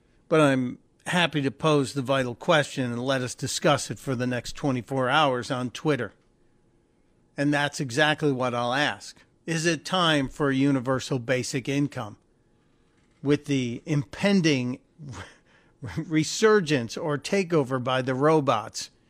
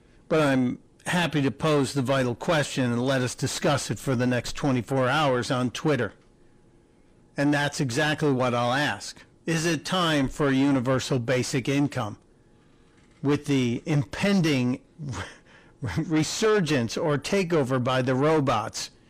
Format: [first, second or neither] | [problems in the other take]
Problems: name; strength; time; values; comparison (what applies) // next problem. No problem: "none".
first | distortion; heavy; 8 dB below the speech